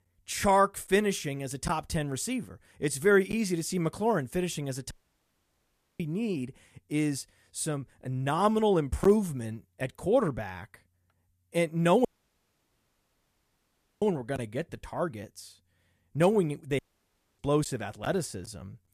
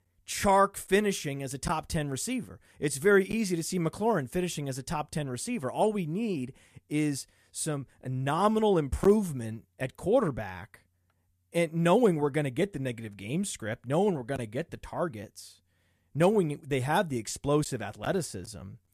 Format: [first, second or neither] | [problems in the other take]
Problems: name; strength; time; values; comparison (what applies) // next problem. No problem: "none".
second | audio cutting out; at 5 s for 1 s, at 12 s for 2 s and at 17 s for 0.5 s